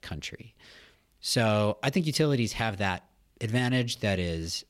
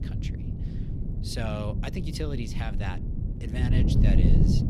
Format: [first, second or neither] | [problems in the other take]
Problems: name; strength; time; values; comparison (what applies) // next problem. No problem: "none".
first | wind noise on the microphone; heavy; 2 dB below the speech